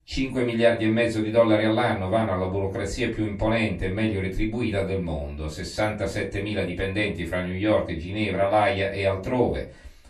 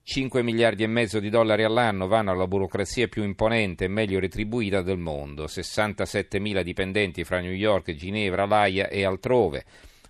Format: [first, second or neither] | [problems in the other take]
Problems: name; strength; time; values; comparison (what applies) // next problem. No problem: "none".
second | off-mic speech; far // room echo; slight; dies away in 0.2 s